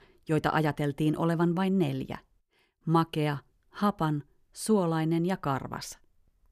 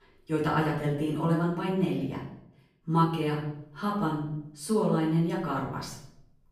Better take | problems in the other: first | off-mic speech; far // room echo; noticeable; dies away in 0.6 s

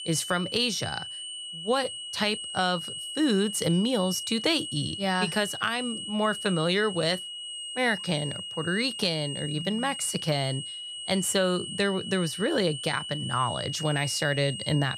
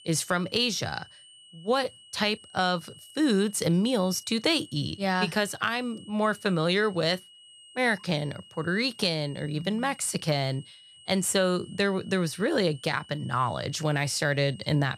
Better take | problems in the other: second | high-pitched whine; loud; throughout; 3 kHz, 7 dB below the speech; faint in the second

